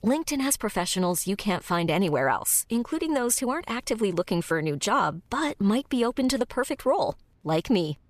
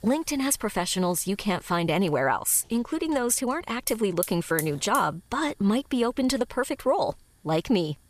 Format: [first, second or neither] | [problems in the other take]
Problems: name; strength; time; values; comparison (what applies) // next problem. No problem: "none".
first | hiss; loud; throughout; 9 dB below the speech